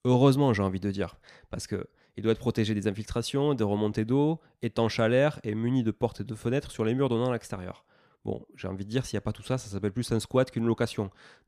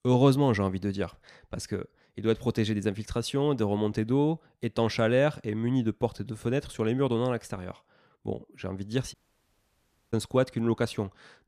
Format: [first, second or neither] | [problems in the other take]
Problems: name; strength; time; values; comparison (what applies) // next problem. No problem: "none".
first | audio cutting out; at 9 s for 1 s